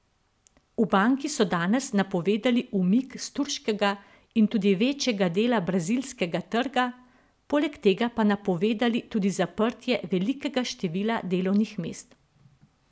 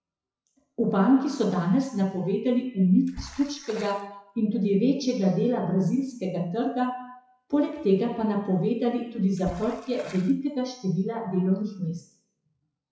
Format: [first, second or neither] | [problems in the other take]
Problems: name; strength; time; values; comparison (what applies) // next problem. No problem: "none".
first | noise reduction (classical method WPE with log-MMSE)